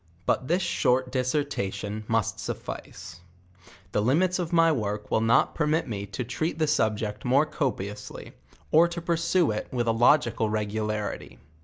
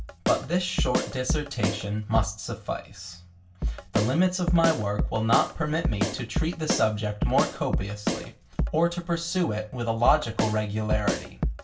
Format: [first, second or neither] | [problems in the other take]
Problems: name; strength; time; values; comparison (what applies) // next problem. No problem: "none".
first | background sound (Drum kit); 3 dB below the speech // room echo; dies away in 0.2 s